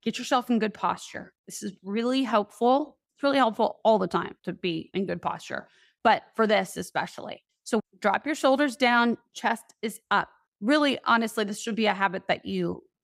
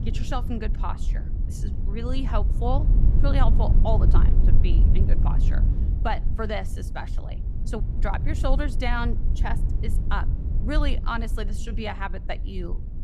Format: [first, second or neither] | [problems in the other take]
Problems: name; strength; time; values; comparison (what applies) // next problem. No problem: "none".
first | low rumble; loud; throughout; 10 dB below the speech